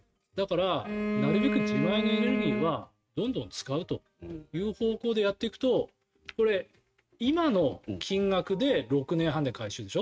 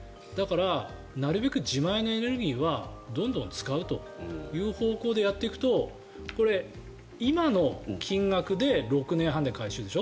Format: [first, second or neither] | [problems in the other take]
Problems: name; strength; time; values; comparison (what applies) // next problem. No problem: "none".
second | noise reduction (neural mask model RNNoise)